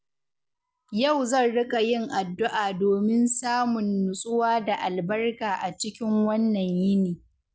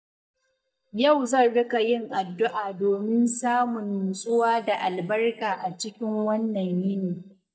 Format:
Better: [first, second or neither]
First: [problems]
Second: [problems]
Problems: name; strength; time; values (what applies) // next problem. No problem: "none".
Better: first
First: none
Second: noise reduction (neural mask model DeepFilterNet 3)